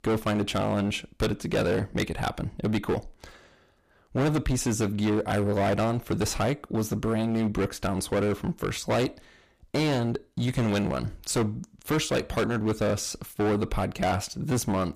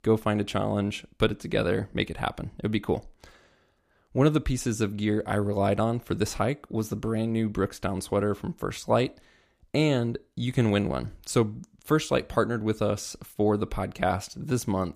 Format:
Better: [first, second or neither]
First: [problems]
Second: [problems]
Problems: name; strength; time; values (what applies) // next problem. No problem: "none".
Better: second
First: distortion; heavy; 15% of the sound clipped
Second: none